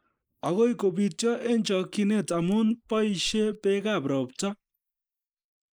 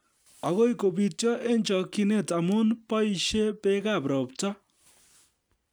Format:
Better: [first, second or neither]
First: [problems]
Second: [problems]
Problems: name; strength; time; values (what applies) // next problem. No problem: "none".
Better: second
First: noise reduction (neural mask model Resemble Enhance denoiser)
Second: none